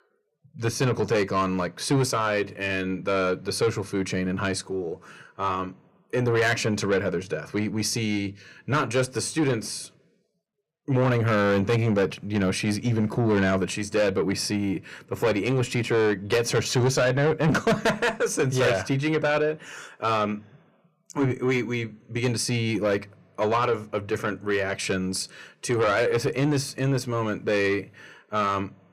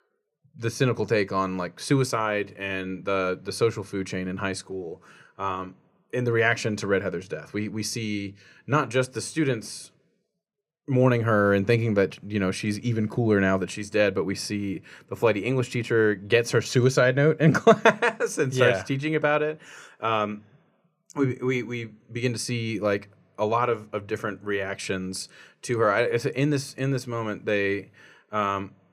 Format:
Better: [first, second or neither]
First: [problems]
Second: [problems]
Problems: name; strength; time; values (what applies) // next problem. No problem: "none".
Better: second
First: distortion; heavy; 8 dB below the speech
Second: none